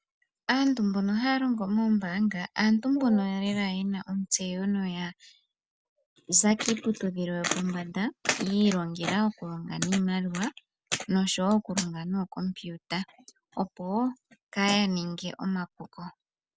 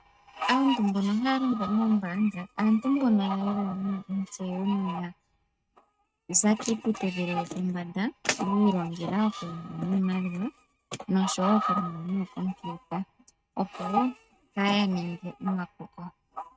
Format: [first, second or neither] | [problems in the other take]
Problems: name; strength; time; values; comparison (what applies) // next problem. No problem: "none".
first | noise reduction (neural mask model RNNoise)